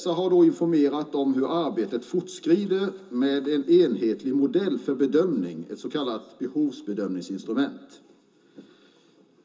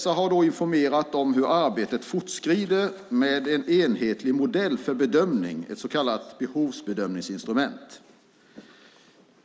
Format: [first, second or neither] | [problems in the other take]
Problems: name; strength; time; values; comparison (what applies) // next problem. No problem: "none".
second | room echo; dies away in 0.2 s